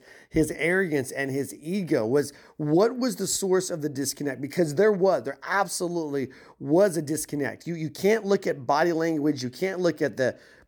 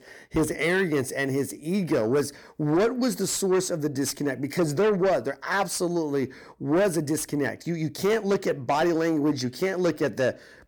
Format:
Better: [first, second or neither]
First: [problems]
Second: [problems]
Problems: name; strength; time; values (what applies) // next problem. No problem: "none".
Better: first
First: none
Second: distortion; slight; 10 dB below the speech